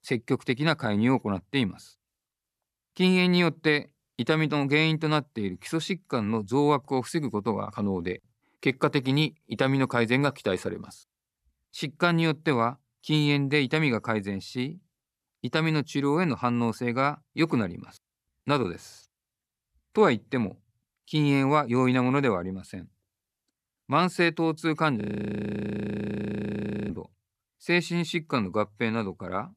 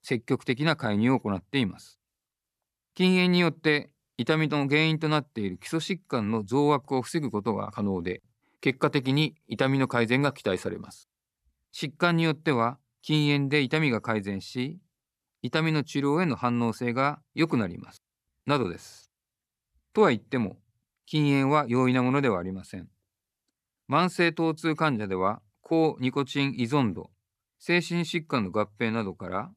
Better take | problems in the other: second | audio freezing; at 25 s for 2 s

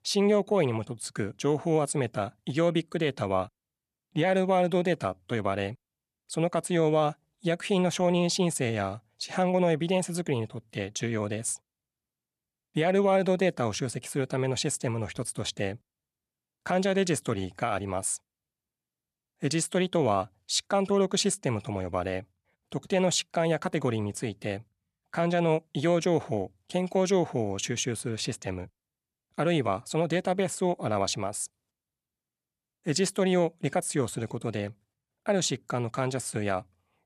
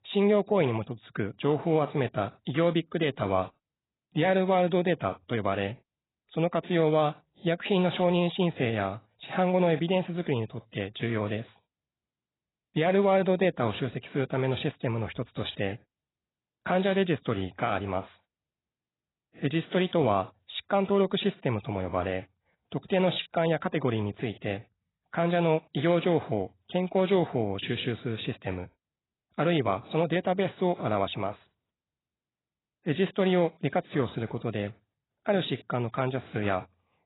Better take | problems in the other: first | garbled, watery; badly; nothing above 4 kHz

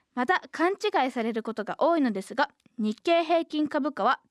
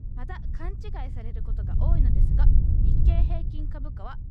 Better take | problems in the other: first | wind noise on the microphone; heavy; as loud as the speech

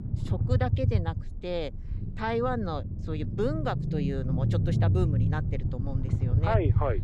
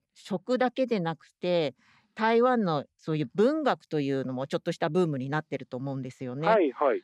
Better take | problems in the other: second | low rumble; loud; throughout; 8 dB below the speech

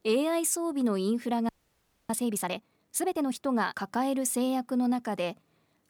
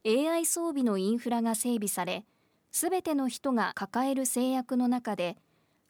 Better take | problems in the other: second | audio freezing; at 1.5 s for 0.5 s

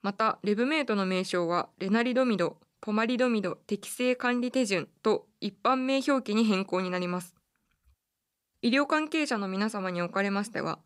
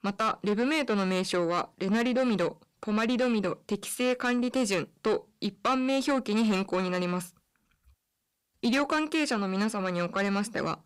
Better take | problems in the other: first | distortion; slight; 10 dB below the speech

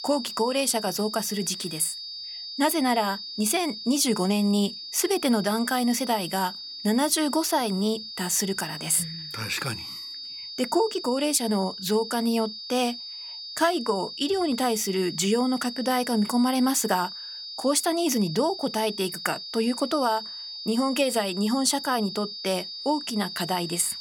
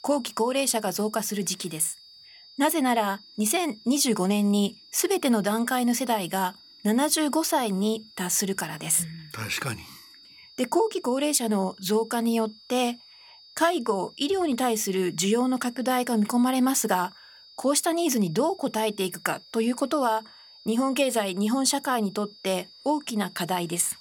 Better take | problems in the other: second | high-pitched whine; loud; throughout; 4.5 kHz, 9 dB below the speech; faint in the second

